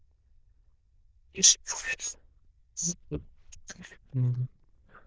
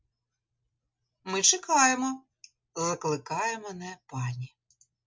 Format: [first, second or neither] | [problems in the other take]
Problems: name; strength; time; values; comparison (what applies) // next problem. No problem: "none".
second | noise reduction (neural diffusion model UNIVERSE++)